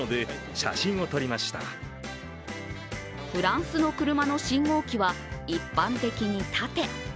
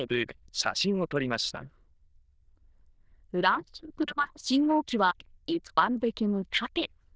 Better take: first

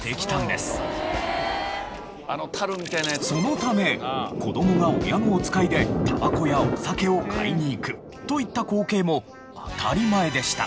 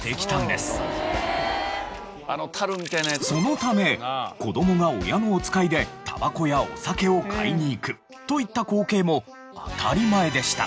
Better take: second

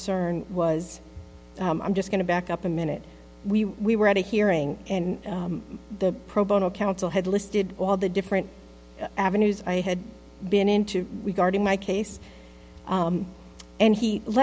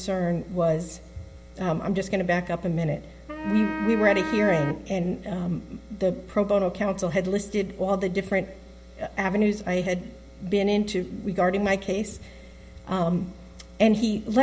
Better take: first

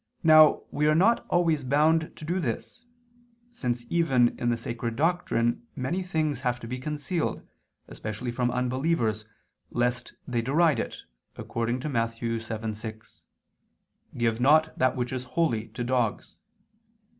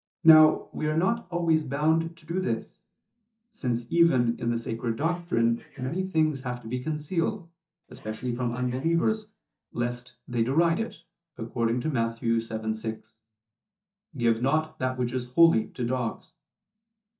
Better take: first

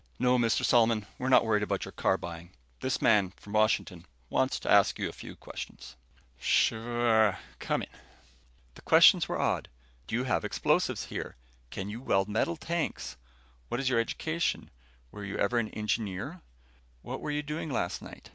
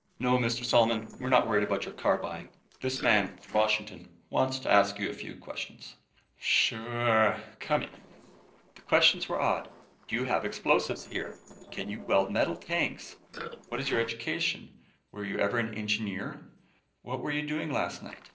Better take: first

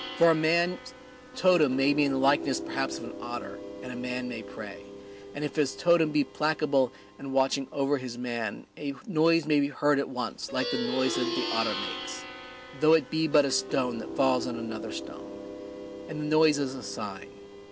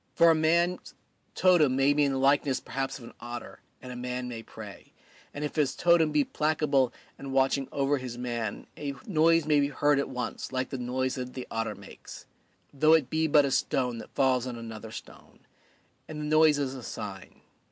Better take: second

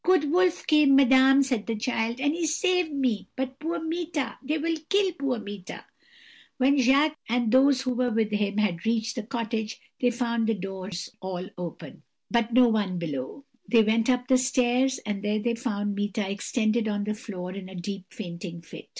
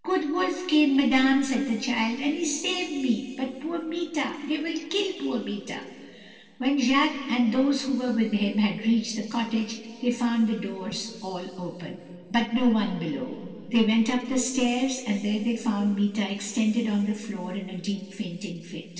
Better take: first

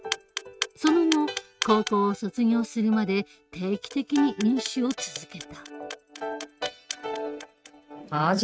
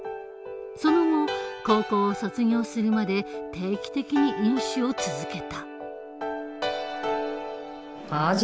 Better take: second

